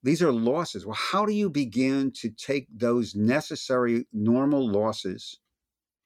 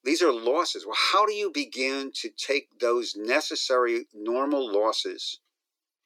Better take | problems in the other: first | thin; somewhat; fading below 300 Hz

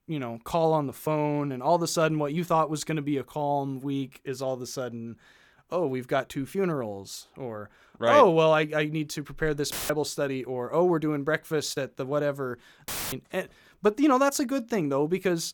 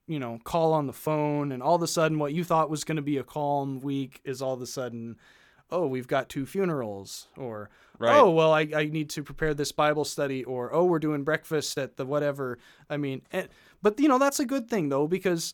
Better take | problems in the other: second | audio cutting out; filled with static; at 9.5 s and at 13 s

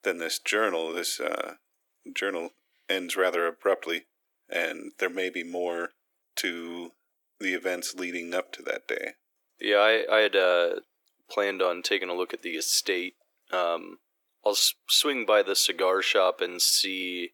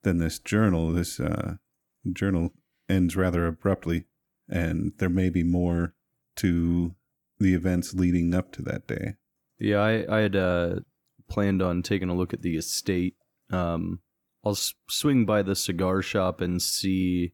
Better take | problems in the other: second | thin; very; fading below 400 Hz

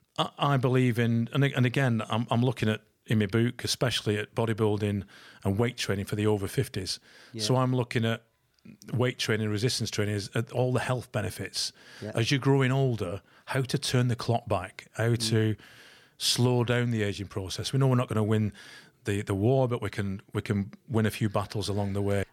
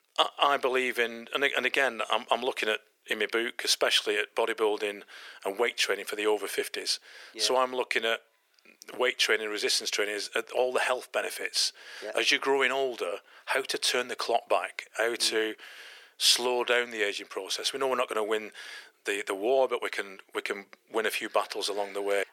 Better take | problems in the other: first | thin; very; fading below 400 Hz

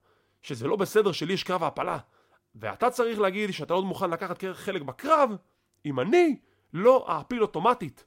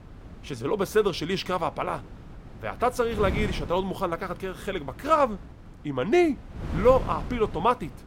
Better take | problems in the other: first | wind noise on the microphone; occasional gusts; 20 dB below the speech

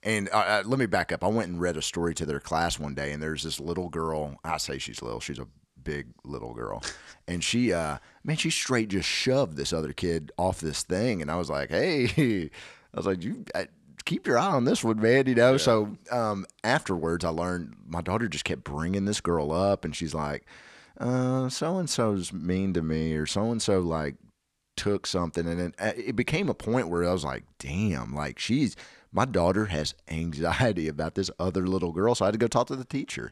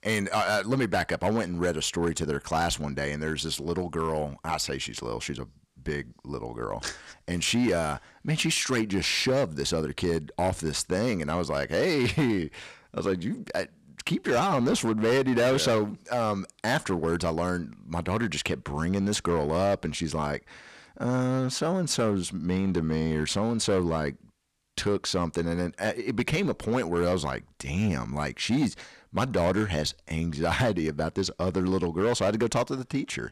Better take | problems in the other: first | distortion; slight; 6% of the sound clipped

